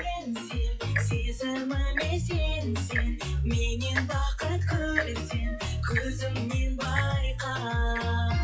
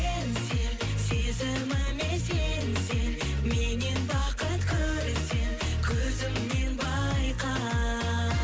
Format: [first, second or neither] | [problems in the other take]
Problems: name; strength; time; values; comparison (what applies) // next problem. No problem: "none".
second | noise reduction (classical method log-MMSE)